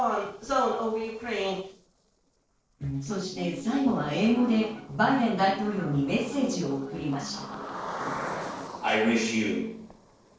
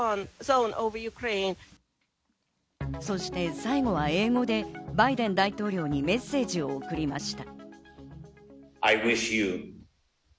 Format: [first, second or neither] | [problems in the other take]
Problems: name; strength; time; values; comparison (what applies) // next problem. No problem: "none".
second | noise reduction (neural separator model SepFormer DNS4)